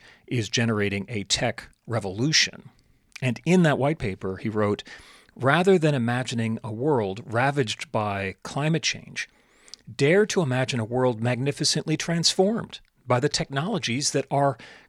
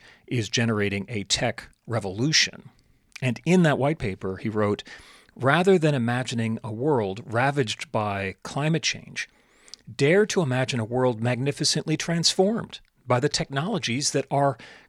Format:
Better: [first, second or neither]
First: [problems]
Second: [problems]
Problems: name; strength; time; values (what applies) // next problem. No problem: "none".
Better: neither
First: none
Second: none